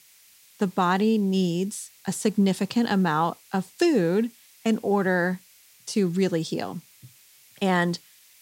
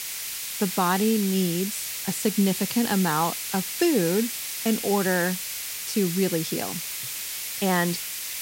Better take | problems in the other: first | hiss; loud; throughout; 4 dB below the speech; faint in the first

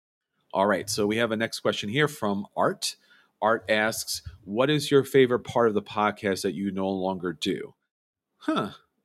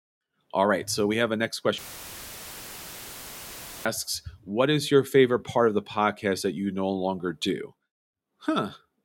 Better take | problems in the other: first | audio cutting out; filled with static; at 2 s for 2 s

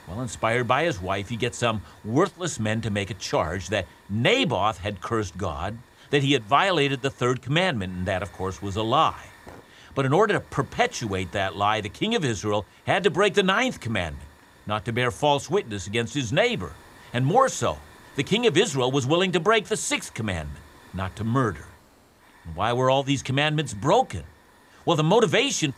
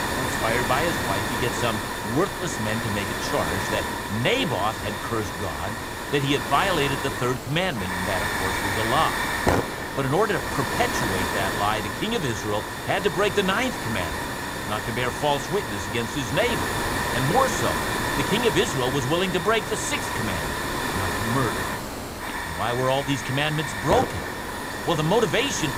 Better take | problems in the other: first | hiss; loud; throughout; 1 dB below the speech; faint in the first

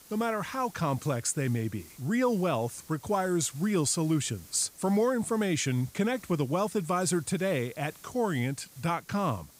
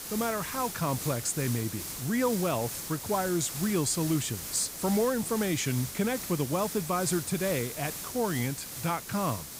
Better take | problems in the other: first | hiss; loud; throughout; 6 dB below the speech; faint in the first

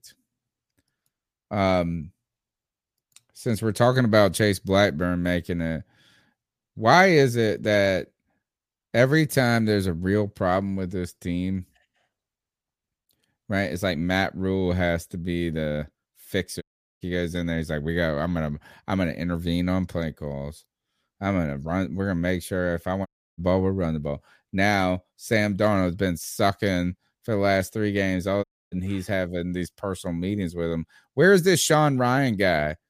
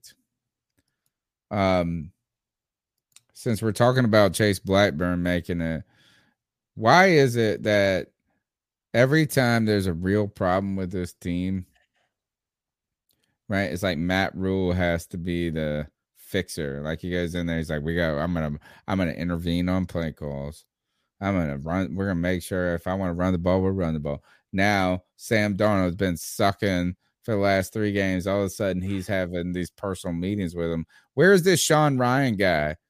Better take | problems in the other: second | audio cutting out; at 17 s, at 23 s and at 28 s

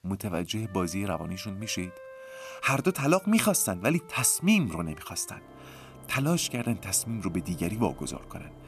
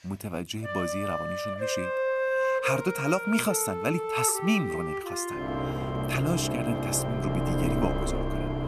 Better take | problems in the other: first | background music; loud; throughout; as loud as the speech; faint in the first

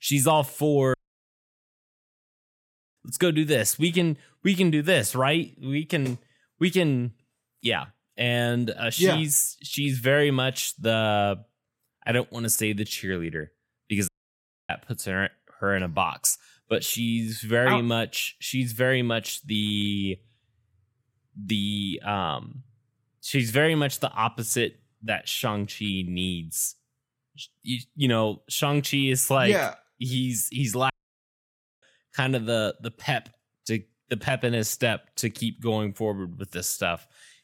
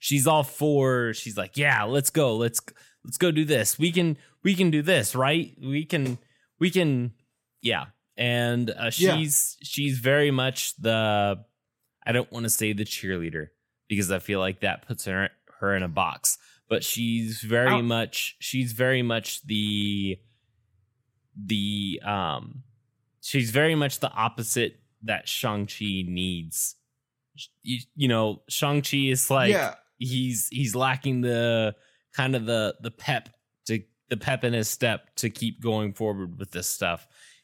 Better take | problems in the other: second | audio cutting out; at 1 s for 2 s, at 14 s for 0.5 s and at 31 s for 1 s

